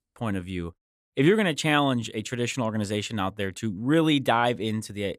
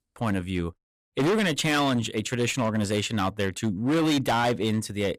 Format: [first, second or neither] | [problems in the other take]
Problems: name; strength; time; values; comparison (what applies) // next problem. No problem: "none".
first | distortion; heavy; 15% of the sound clipped